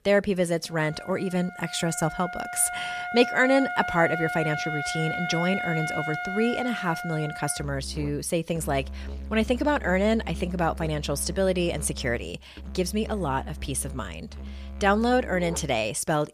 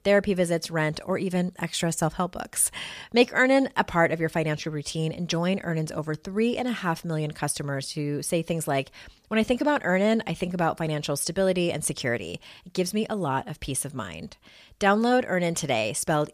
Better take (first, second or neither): second